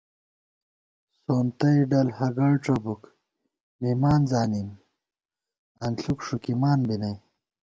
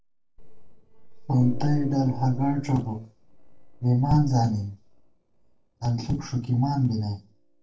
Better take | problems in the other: first | noise reduction (neural separator model SepFormer DNS4)

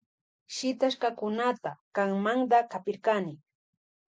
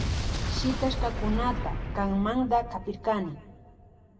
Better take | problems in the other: first | background sound (Explosion); 2 dB below the speech // room echo; dies away in 1.7 s

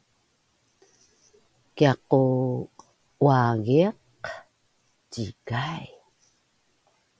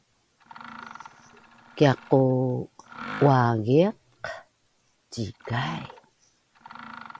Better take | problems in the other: first | background sound (Mechanisms); 17 dB below the speech

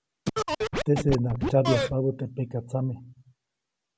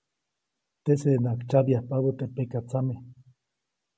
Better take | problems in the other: second | background sound (Scratching (performance technique)); 1 dB below the speech

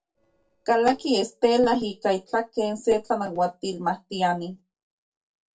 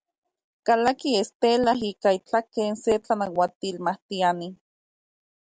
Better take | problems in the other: second | noise reduction (neural separator model SepFormer DNS4)

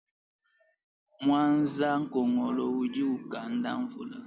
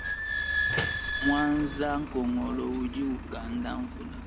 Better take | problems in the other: first | background sound (Slam + Squeak / Idling); 2 dB below the speech

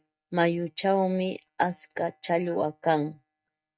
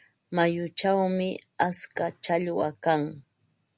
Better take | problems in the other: second | noise reduction (neural mask model DeepFilterNet 3)

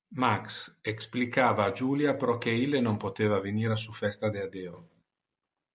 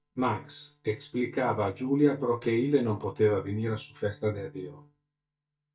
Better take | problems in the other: first | noise reduction (neural mask model DeepFilterNet 3)

